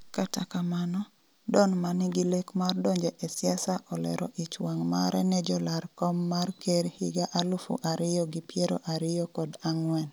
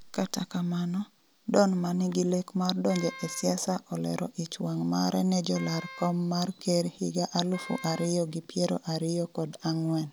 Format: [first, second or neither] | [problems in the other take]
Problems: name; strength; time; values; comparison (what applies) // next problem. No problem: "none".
first | background sound (Wind instrument, woodwind instrument); 17 dB below the speech